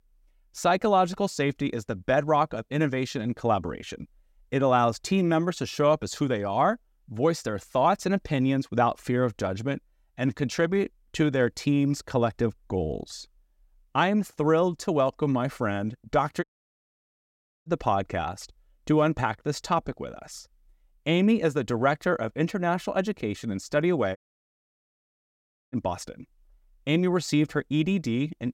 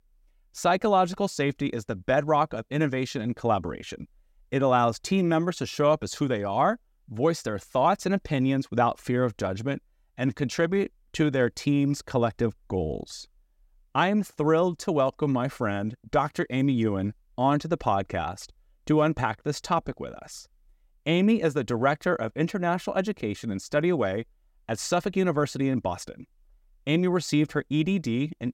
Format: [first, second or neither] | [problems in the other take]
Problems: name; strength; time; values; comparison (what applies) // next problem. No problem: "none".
second | audio cutting out; at 16 s for 1 s and at 24 s for 1.5 s